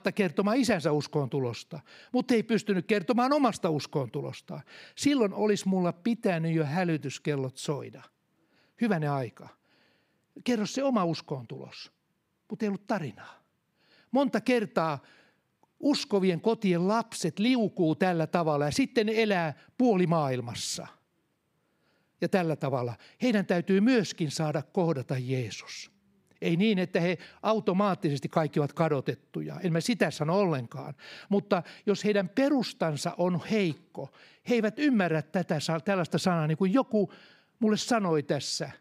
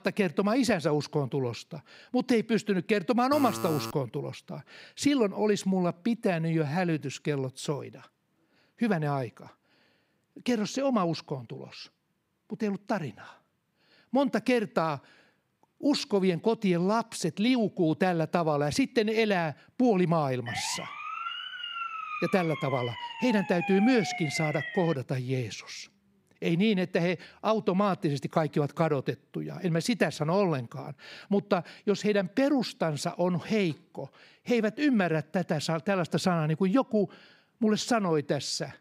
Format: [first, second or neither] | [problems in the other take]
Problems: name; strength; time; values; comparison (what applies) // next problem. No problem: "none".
first | alarm; noticeable; at 3.5 s; peak 7 dB below the speech // siren; noticeable; from 20 to 25 s; peak 5 dB below the speech